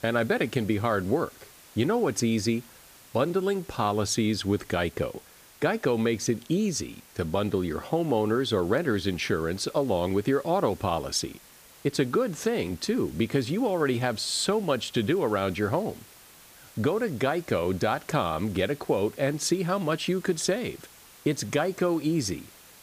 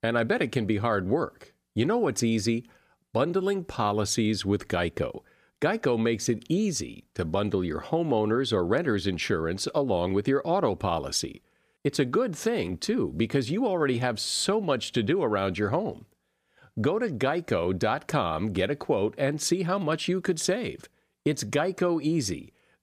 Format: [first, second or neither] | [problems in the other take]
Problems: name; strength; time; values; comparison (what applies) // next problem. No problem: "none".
second | hiss; faint; throughout; 20 dB below the speech